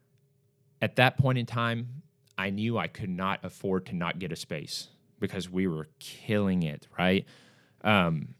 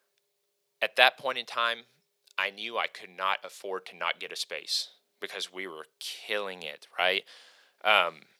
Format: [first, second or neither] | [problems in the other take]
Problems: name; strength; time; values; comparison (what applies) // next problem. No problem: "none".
first | thin; very; fading below 550 Hz